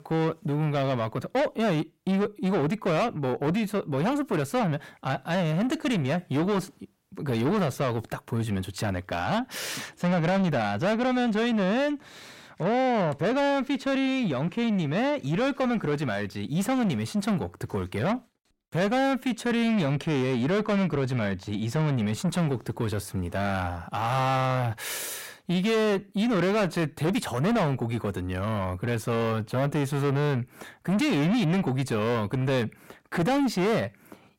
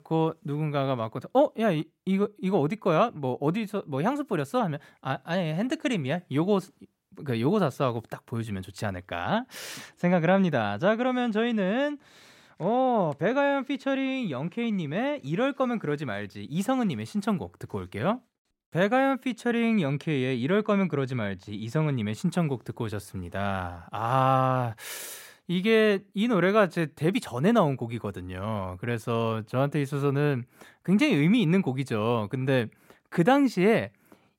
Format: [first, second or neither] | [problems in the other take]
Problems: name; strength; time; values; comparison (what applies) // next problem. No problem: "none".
second | distortion; heavy; 7 dB below the speech